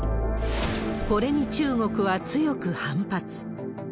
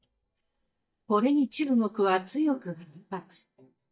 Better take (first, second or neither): first